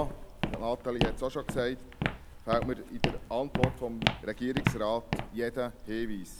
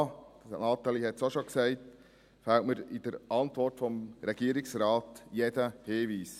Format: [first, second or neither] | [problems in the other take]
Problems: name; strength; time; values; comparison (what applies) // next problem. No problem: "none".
second | background sound (Walk, footsteps); as loud as the speech